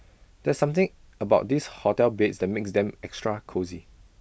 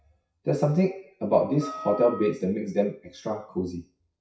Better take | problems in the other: first | noise reduction (classical method WPE with log-MMSE)

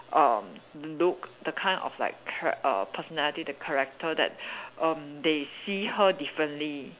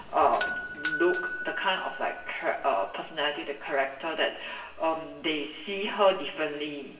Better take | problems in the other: first | background sound (Doorbell); 10 dB below the speech // room echo; dies away in 0.8 s

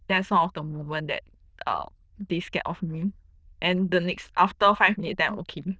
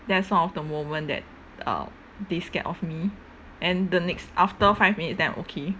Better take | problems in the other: second | noise reduction (neural diffusion model UNIVERSE++)

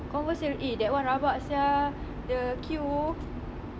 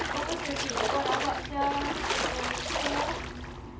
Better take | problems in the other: first | background sound (Splash, splatter); 1 dB above the speech // room echo; dies away in 0.3 s

